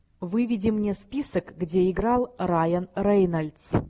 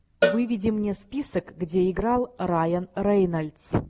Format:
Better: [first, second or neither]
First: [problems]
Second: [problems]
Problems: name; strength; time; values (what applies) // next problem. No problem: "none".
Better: first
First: none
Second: background sound (Cowbell); 7 dB below the speech